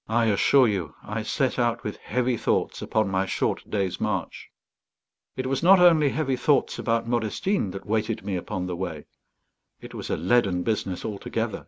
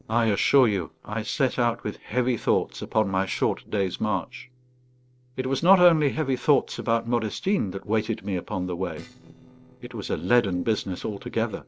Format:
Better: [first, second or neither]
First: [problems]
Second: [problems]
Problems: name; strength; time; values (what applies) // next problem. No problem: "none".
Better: first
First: none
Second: noise reduction (neural separator model SepFormer DNS4)